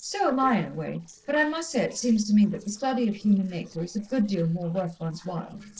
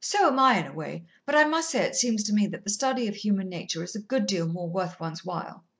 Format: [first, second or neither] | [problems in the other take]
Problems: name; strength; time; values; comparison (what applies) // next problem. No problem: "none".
second | noise reduction (neural separator model SepFormer DNS4)